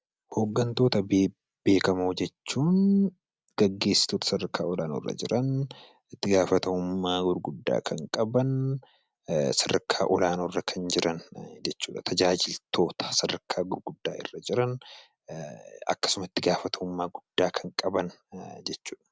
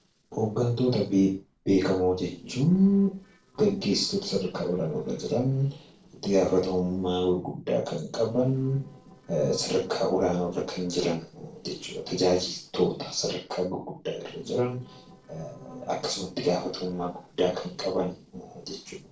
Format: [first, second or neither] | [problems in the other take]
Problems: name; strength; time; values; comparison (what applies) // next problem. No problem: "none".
first | noise reduction (neural separator model SepFormer DNS4)